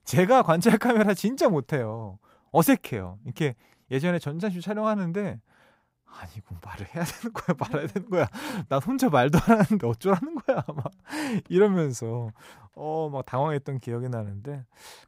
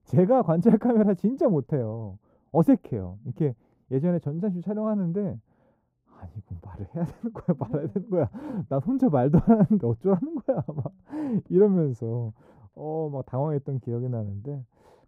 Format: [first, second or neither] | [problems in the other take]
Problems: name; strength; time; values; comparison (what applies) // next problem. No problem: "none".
first | muffled; very; fading above 1 kHz